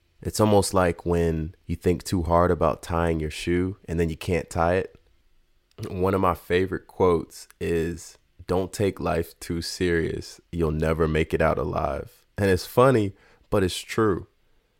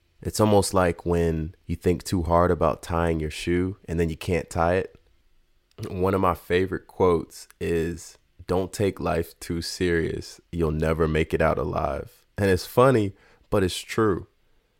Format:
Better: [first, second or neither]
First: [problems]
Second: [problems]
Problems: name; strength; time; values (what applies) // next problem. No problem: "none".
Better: neither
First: none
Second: none